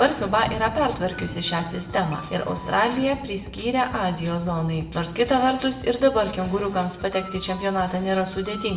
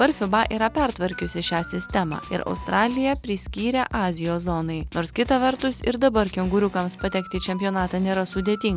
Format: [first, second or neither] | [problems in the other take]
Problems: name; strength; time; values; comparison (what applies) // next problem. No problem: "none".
second | background sound (Thunder); 17 dB below the speech // room echo; dies away in 0.8 s